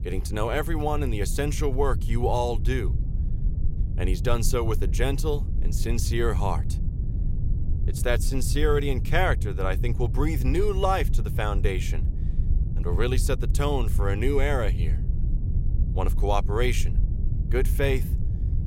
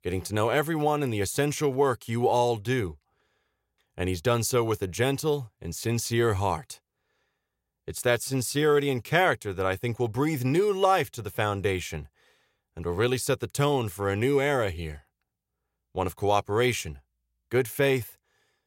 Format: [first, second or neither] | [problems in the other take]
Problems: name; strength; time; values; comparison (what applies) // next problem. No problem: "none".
second | low rumble; noticeable; throughout; 15 dB below the speech